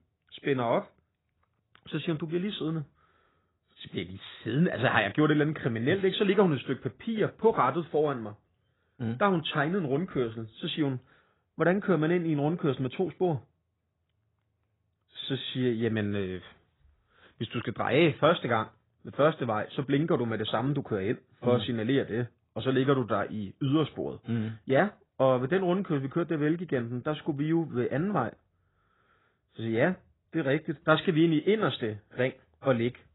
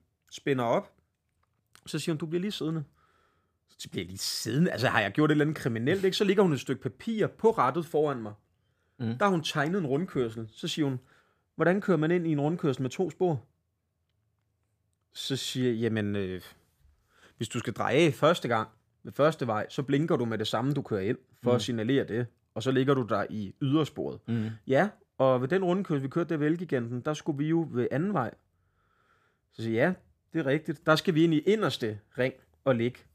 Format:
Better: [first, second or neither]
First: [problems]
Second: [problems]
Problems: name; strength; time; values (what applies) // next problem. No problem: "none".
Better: second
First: garbled, watery; badly; nothing above 4 kHz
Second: none